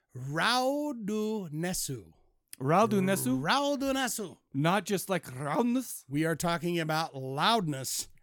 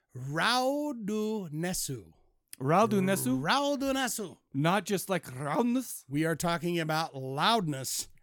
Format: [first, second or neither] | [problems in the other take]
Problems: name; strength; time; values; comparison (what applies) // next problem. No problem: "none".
neither | none